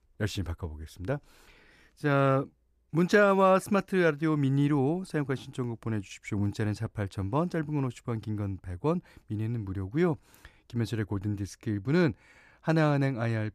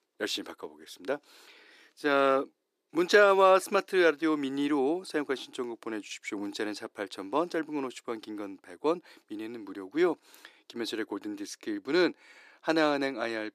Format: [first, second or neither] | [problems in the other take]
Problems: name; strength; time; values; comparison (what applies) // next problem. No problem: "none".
first | thin; somewhat; fading below 350 Hz